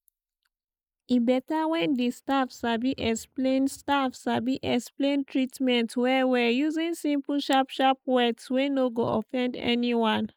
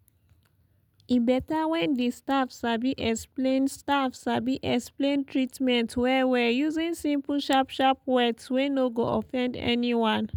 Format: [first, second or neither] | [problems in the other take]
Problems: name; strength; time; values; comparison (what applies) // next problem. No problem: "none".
second | noise reduction (neural mask model Resemble Enhance denoiser)